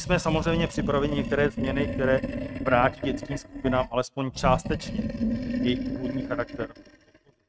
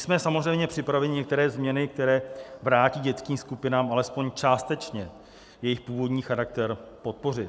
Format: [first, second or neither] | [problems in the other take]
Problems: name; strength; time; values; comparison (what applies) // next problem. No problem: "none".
second | noise reduction (neural mask model RNNoise)